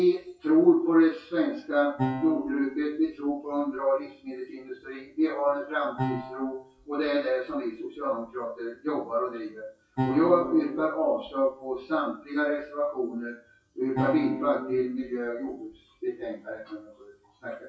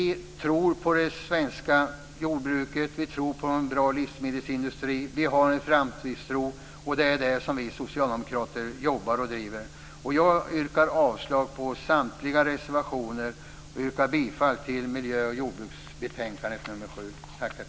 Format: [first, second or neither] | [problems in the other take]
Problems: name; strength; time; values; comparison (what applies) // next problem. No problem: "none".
second | noise reduction (classical method WPE with log-MMSE)